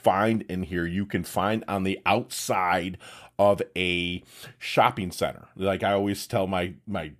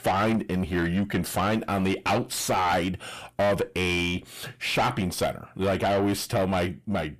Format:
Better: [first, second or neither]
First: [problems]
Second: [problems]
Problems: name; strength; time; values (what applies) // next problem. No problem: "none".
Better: first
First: none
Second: distortion; heavy; 5 dB below the speech